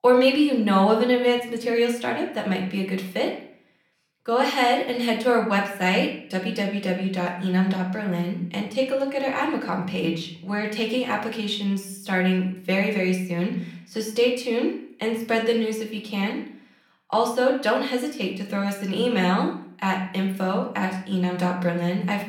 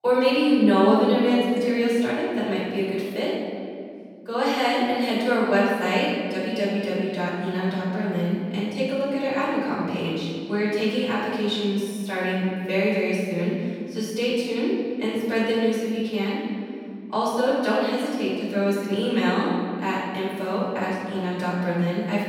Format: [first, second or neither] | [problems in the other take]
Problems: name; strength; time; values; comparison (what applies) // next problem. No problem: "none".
first | room echo; strong; dies away in 2 s; slight in the first // off-mic speech; far; far in the first